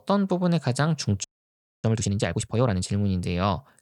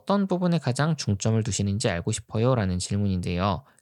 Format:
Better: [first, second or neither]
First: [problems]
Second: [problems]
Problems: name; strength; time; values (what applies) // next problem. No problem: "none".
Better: second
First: audio freezing; at 1 s for 0.5 s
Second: none